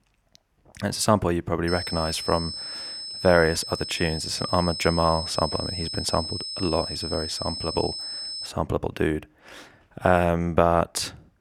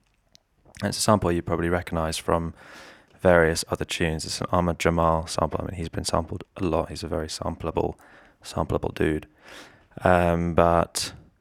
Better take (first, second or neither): second